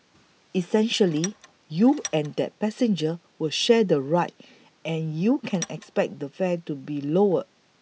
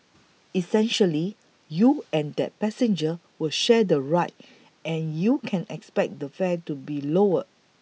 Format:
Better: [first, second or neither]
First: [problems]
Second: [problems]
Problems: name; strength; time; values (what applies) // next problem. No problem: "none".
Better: second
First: background sound (Tools); 15 dB below the speech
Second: none